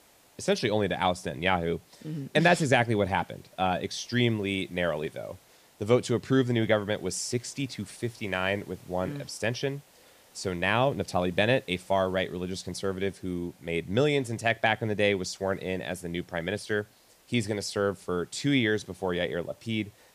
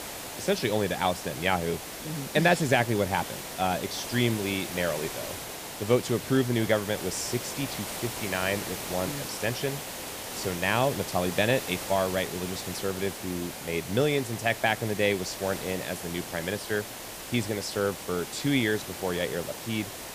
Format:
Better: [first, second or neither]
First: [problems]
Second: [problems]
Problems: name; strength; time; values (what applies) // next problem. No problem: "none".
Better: first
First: hiss; faint; throughout; 30 dB below the speech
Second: hiss; loud; throughout; 7 dB below the speech